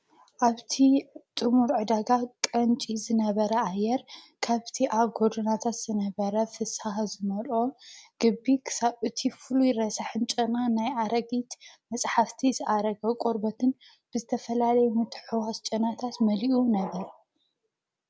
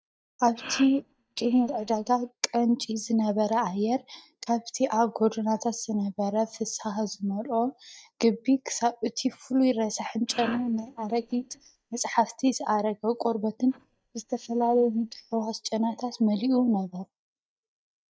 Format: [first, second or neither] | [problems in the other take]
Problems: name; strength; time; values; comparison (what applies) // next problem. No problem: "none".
first | noise reduction (neural mask model DeepFilterNet 3)